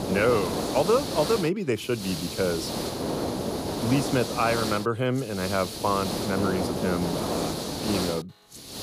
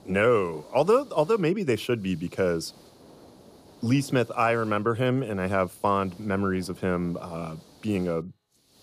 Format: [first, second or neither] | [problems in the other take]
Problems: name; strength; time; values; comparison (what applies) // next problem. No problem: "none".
second | hiss; loud; throughout; 3 dB below the speech; faint in the second